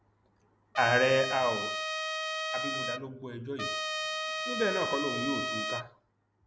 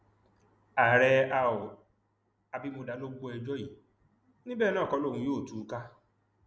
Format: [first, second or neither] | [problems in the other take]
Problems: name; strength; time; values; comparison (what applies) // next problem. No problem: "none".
second | background sound (Trumpet); 1 dB below the speech